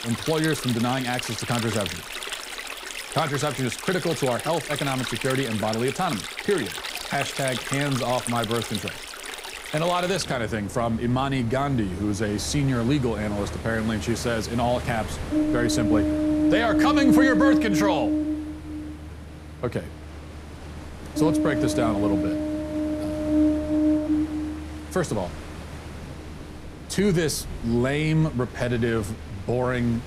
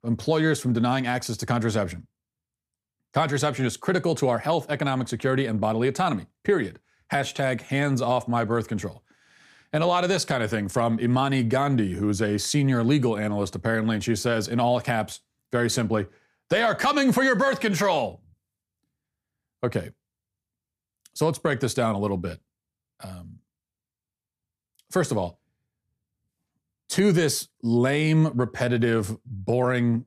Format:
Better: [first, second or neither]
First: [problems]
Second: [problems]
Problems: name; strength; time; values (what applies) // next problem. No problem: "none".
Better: second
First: rain or running water; loud; throughout; 2 dB below the speech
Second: none